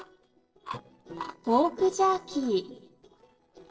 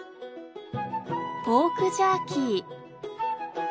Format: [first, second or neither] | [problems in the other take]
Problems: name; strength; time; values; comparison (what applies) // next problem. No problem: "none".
second | noise reduction (neural separator model SepFormer DNS4)